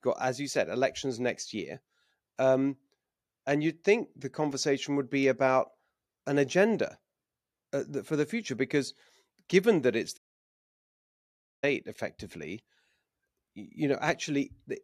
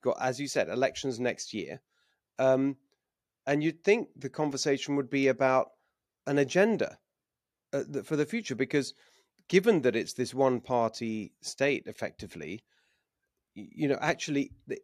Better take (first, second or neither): second